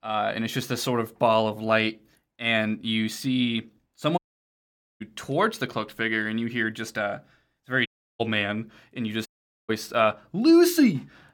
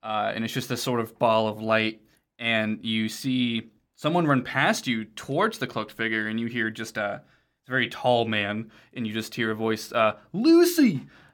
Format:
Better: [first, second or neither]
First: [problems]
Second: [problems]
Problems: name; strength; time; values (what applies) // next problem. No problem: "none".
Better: second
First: audio cutting out; at 4 s for 1 s, at 8 s and at 9.5 s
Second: none